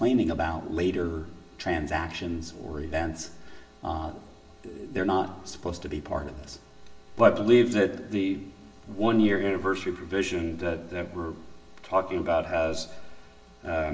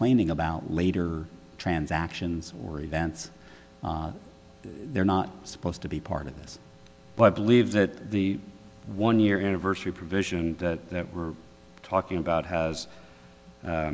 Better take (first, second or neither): second